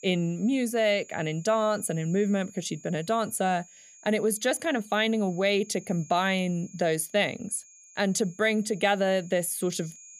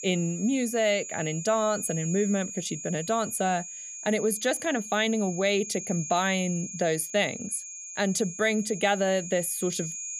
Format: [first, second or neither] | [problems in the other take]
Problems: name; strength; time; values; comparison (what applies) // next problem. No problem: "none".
first | high-pitched whine; loud; throughout; 6.5 kHz, 9 dB below the speech; faint in the first